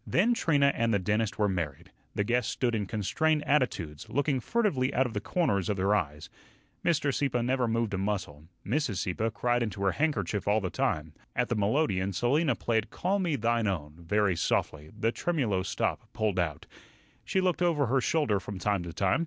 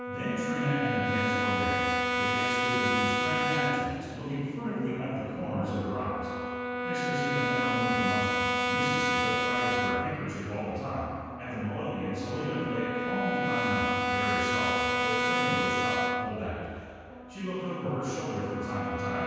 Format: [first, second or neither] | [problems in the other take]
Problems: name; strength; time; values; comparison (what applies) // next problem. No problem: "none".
first | background sound (Brass instrument); 2 dB above the speech // room echo; dies away in 2.1 s